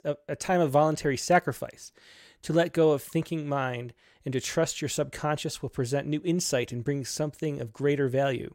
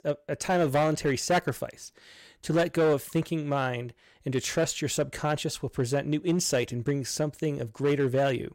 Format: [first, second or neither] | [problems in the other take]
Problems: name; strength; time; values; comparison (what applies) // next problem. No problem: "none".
first | distortion; slight; 5% of the sound clipped